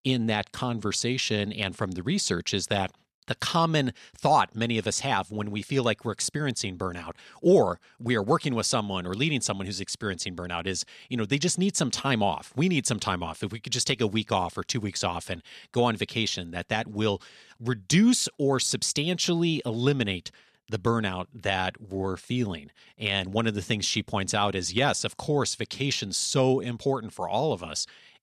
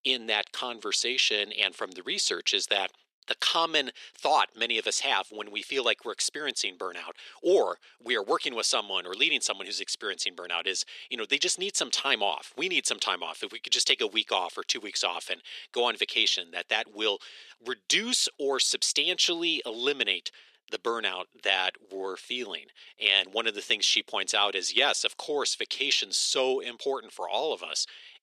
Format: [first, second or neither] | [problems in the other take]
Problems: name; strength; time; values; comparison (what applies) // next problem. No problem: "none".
first | thin; very; fading below 350 Hz